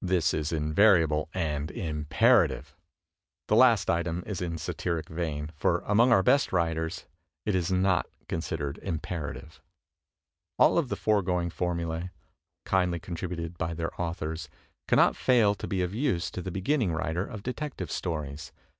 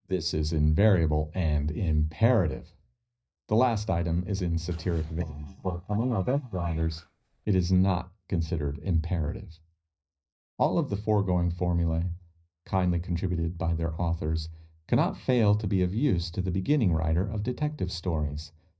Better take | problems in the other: first | noise reduction (neural mask model DeepFilterNet 3)

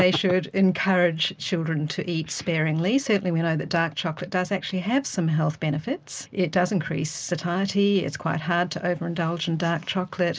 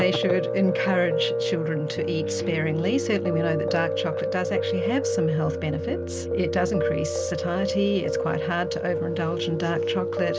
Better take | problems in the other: first | background sound (Piano); as loud as the speech

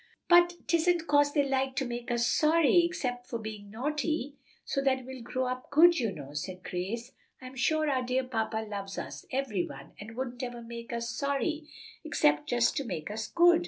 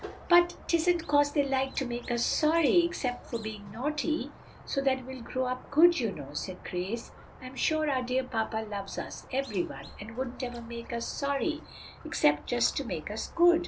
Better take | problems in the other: first | background sound (Squeak); 18 dB below the speech

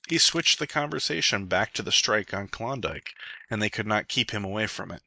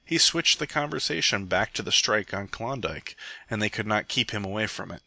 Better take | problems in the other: second | noise reduction (neural mask model Resemble Enhance denoiser)

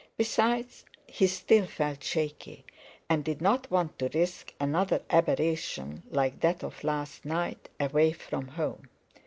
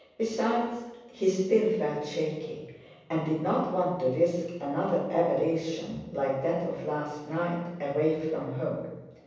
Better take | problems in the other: first | room echo; dies away in 1.1 s

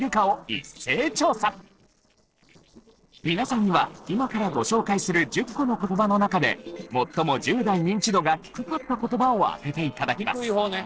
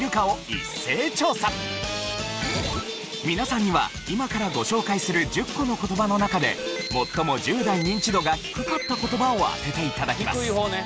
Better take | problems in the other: second | noise reduction (neural separator model SepFormer DNS4)

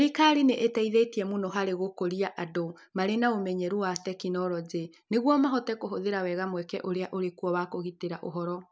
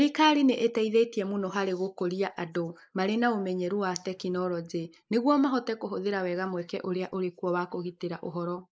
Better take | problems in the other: first | noise reduction (neural mask model Resemble Enhance denoiser)

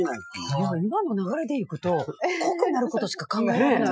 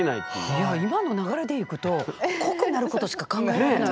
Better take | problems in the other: second | noise reduction (classical method Wiener filter)

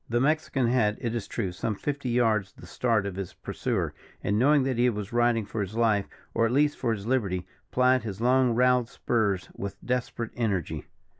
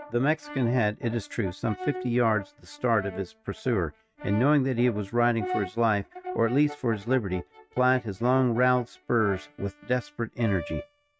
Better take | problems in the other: first | noise reduction (neural mask model RNNoise)

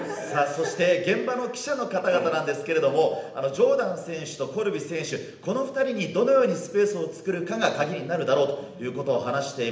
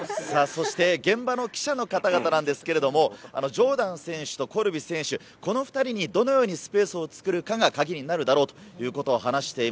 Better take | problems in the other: second | room echo; dies away in 0.8 s

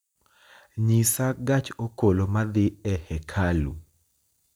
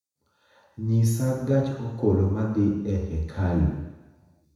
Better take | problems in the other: first | room echo; dies away in 1 s

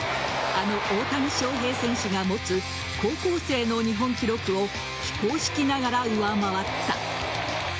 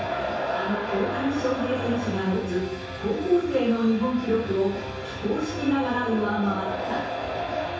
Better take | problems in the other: first | background sound (Engine); 18 dB below the speech // room echo; dies away in 0.7 s

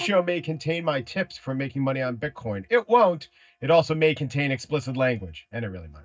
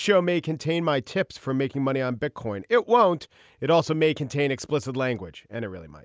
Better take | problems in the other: second | noise reduction (neural mask model DeepFilterNet 3)

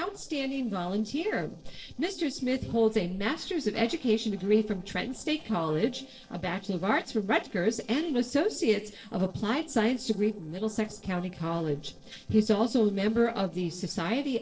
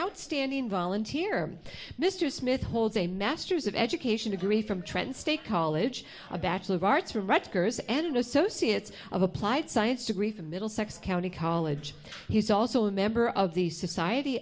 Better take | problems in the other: second | noise reduction (neural separator model SepFormer DNS4)

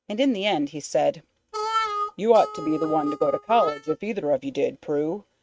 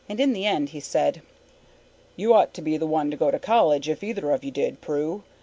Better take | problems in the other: second | noise reduction (neural mask model RNNoise)

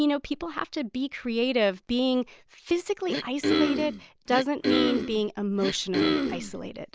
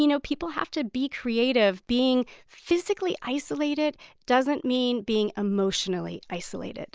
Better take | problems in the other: second | background sound (Cough); as loud as the speech

